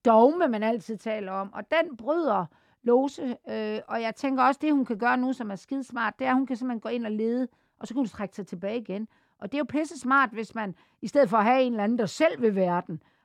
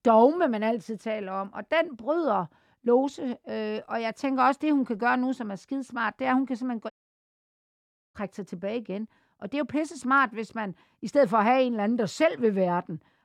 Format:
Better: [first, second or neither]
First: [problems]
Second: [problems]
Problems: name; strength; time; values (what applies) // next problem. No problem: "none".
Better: first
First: none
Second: audio cutting out; at 7 s for 1 s